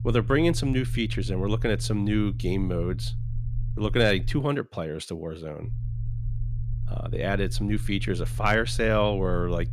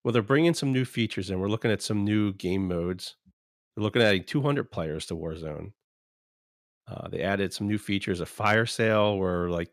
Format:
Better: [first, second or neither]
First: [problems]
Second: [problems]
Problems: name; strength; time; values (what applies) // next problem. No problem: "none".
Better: second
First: low rumble; noticeable; until 4.5 s and from 5.5 s on; 20 dB below the speech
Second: none